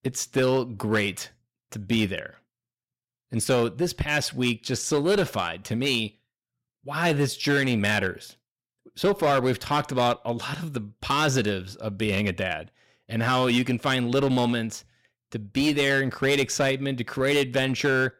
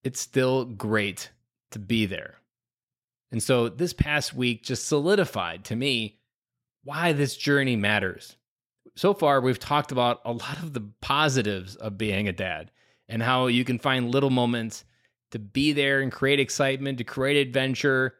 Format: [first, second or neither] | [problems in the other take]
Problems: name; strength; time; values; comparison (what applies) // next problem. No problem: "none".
second | distortion; slight; 6% of the sound clipped